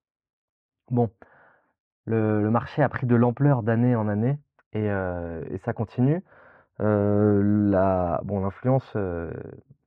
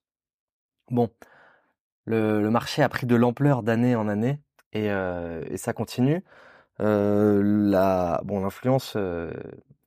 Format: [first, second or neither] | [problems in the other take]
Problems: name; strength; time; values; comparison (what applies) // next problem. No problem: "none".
second | muffled; very; fading above 1.5 kHz